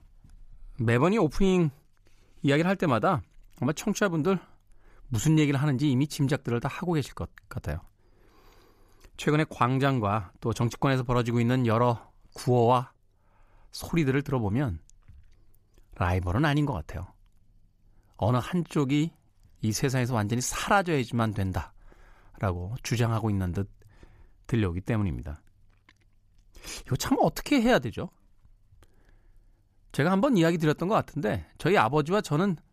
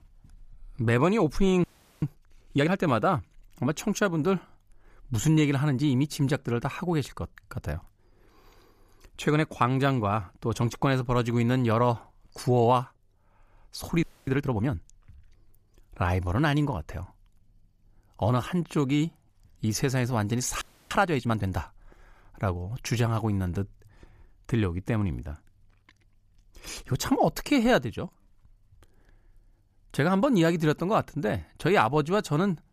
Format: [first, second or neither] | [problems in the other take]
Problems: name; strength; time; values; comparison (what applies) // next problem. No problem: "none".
first | audio freezing; at 1.5 s, at 14 s and at 21 s